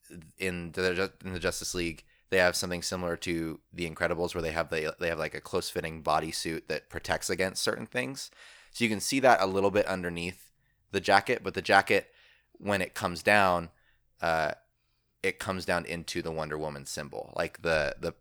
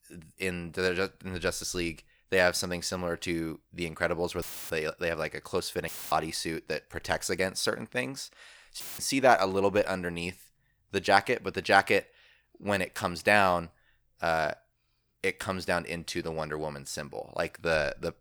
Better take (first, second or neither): first